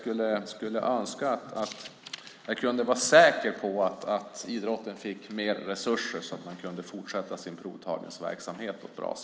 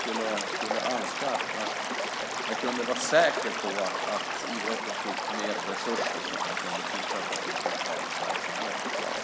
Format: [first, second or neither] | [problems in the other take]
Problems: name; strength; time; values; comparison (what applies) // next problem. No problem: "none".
first | background sound (Stream / Liquid); 2 dB above the speech